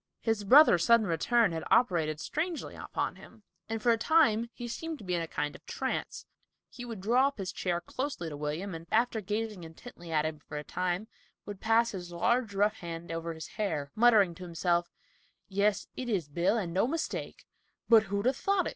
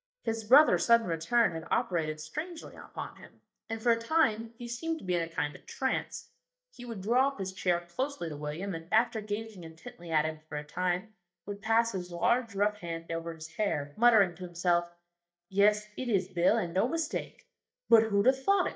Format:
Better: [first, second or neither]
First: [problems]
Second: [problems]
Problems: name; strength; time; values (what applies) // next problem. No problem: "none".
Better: first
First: none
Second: noise reduction (neural mask model DeepFilterNet 3)